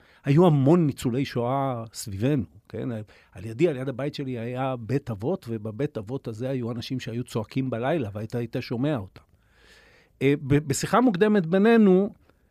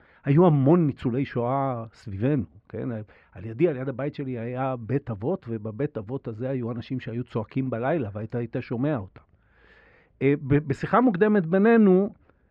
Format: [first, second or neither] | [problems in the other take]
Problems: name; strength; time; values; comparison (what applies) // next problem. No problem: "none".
first | muffled; very; fading above 2 kHz